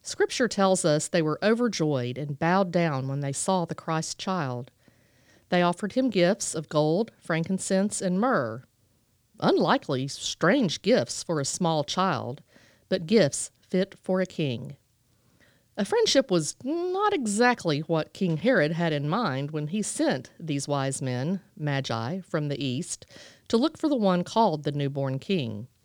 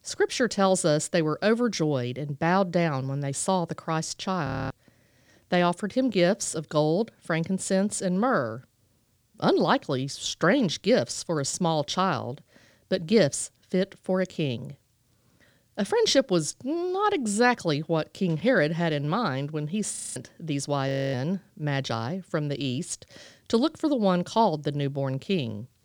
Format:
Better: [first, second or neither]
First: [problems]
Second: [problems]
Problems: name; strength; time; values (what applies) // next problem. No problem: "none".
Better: first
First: none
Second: audio freezing; at 4.5 s, at 20 s and at 21 s